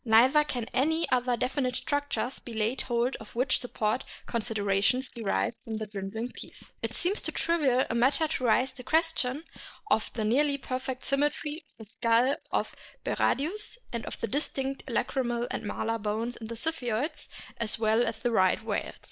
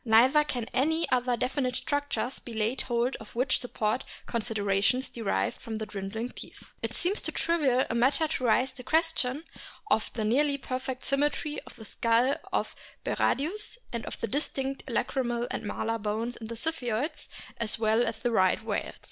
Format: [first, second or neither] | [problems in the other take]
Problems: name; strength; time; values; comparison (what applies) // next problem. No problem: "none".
second | noise reduction (neural mask model Resemble Enhance denoiser)